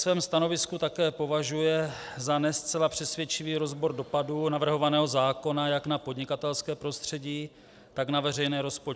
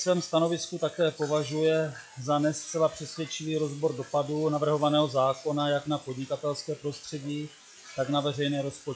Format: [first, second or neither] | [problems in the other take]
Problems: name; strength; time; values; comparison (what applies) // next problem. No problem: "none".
first | noise reduction (classical method log-MMSE)